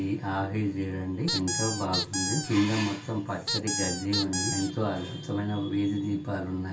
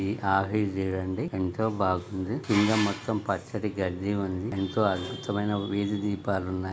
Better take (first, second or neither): second